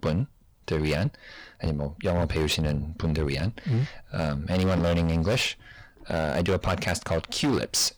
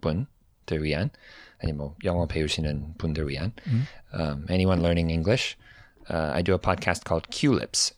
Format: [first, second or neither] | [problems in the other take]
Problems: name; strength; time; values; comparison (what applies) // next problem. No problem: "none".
second | distortion; heavy; 14% of the sound clipped